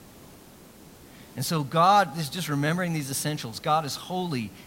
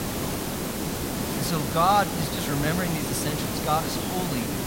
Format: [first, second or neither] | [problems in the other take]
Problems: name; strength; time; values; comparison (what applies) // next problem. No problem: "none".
first | hiss; loud; throughout; 2 dB below the speech; faint in the first